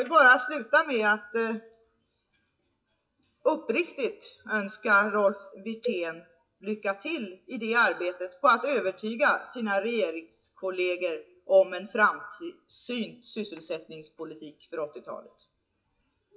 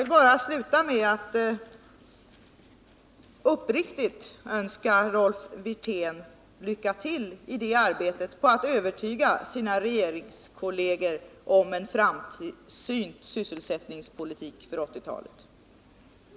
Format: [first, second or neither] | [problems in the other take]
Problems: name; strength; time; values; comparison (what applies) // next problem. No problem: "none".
second | noise reduction (classical method WPE with log-MMSE)